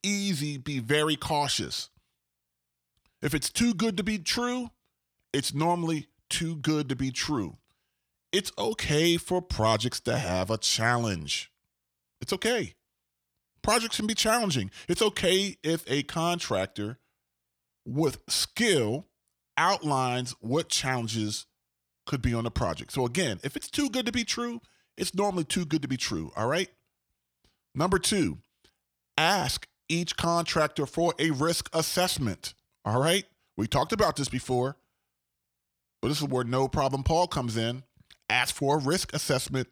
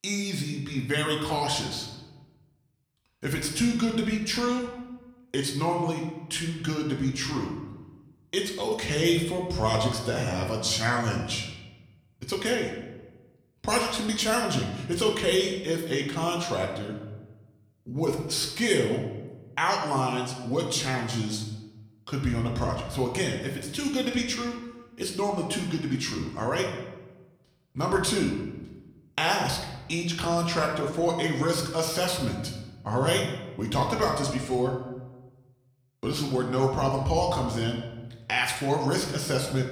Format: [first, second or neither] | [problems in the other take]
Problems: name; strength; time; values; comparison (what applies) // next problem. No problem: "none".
first | room echo; slight; dies away in 0.9 s // off-mic speech; somewhat distant